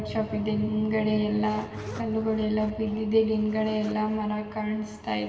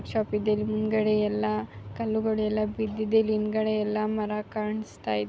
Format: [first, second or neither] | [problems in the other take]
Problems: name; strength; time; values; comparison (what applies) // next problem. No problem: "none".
second | background sound (Zipper (clothing)); 20 dB below the speech // room echo; dies away in 2.5 s